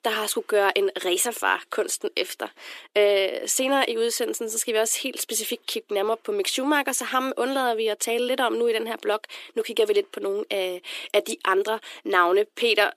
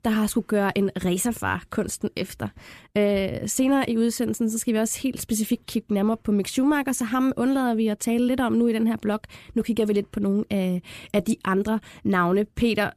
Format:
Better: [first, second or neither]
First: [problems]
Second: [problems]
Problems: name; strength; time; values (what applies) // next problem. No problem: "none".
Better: second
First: thin; very; fading below 350 Hz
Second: none